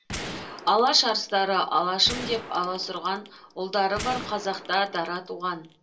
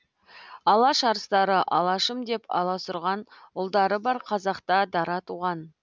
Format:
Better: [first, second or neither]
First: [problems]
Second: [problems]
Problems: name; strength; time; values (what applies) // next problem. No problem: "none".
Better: second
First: background sound (Gunshot, gunfire); 13 dB below the speech // room echo; dies away in 0.2 s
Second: none